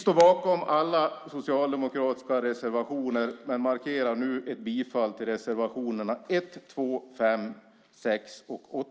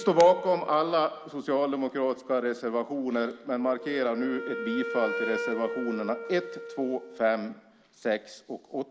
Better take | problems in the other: first | background sound (Wind instrument, woodwind instrument); 10 dB below the speech

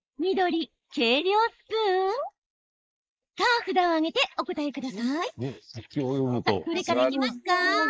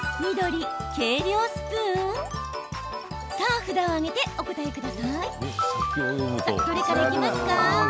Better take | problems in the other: second | noise reduction (neural mask model Resemble Enhance denoiser)

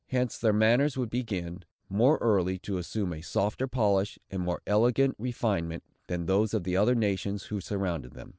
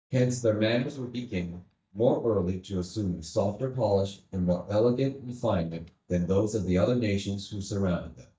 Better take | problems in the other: first | noise reduction (neural mask model DeepFilterNet 3)

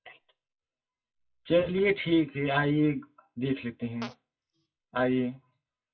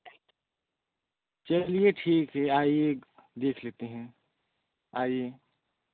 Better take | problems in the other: second | noise reduction (classical method WPE with log-MMSE)

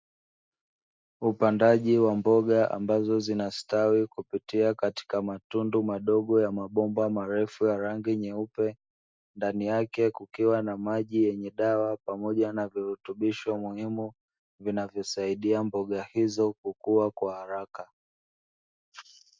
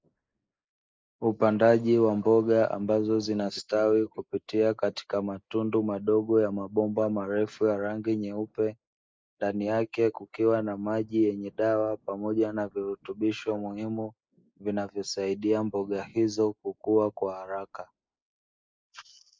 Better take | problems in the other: first | noise reduction (neural mask model Resemble Enhance denoiser)

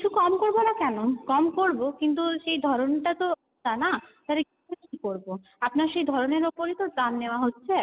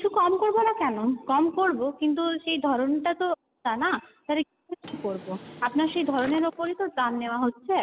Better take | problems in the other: first | background sound (Drawer open or close); 19 dB below the speech

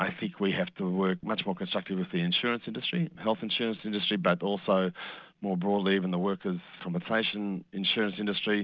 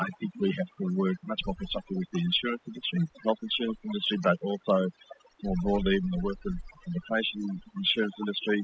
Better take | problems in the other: first | noise reduction (classical method spectral subtraction)

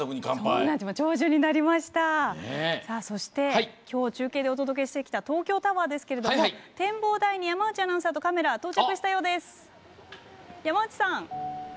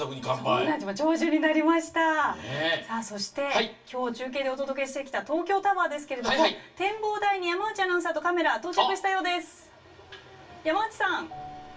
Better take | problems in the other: first | room echo; dies away in 0.2 s

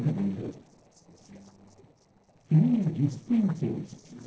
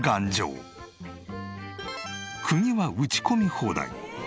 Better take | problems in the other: second | noise reduction (neural separator model SepFormer DNS4)

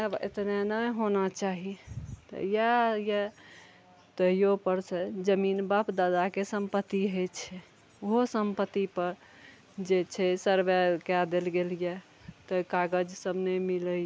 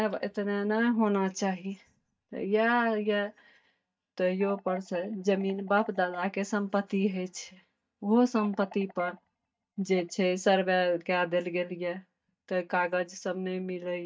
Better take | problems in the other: first | noise reduction (neural mask model DeepFilterNet 3)

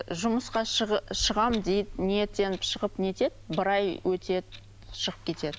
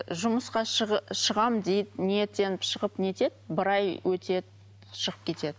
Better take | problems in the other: second | background sound (Clock); 16 dB below the speech

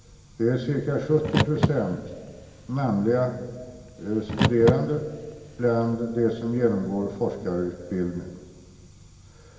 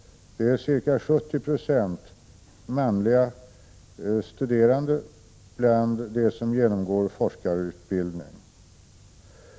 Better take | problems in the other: second | background sound (Car); 4 dB below the speech // room echo; dies away in 2.1 s

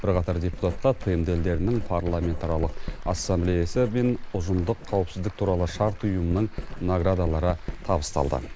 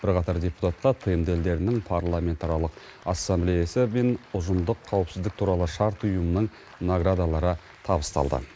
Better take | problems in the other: second | background sound (Writing); 8 dB below the speech

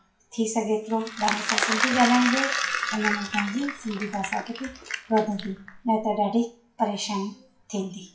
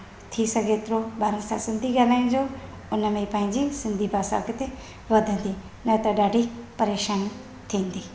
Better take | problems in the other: second | noise reduction (classical method WPE with log-MMSE)

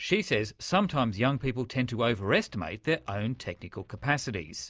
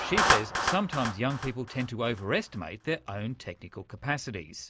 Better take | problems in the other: first | background sound (Clapping); 1 dB below the speech

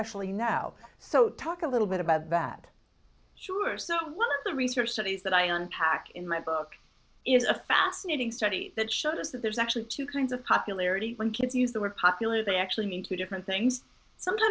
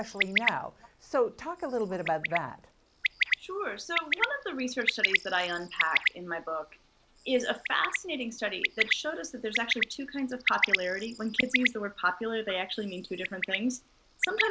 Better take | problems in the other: first | background sound (Bird); as loud as the speech

